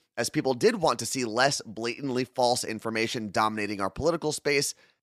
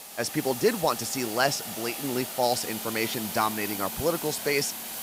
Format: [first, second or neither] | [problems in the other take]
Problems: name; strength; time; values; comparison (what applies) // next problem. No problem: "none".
first | hiss; loud; throughout; 5 dB below the speech